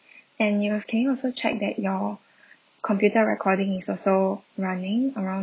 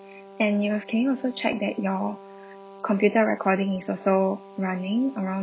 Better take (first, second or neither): first